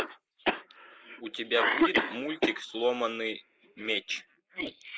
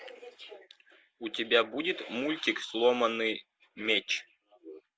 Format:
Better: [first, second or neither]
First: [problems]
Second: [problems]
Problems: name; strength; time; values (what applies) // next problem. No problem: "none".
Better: second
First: noise reduction (neural mask model Resemble Enhance denoiser)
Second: none